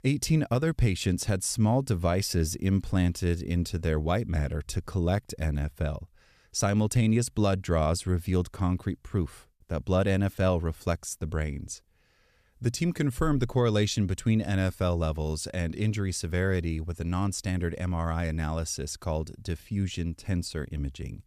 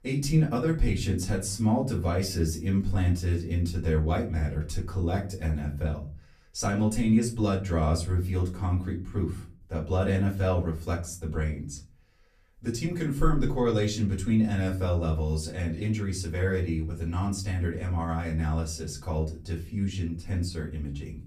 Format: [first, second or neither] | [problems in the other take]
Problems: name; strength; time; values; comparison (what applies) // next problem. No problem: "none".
first | off-mic speech; far // room echo; very slight; dies away in 0.3 s